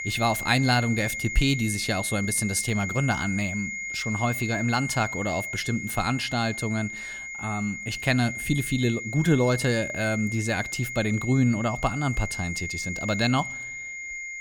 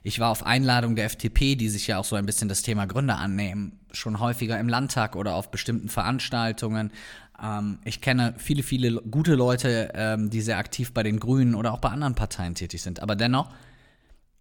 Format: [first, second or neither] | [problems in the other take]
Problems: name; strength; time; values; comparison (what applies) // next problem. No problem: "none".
second | high-pitched whine; loud; throughout; 2 kHz, 6 dB below the speech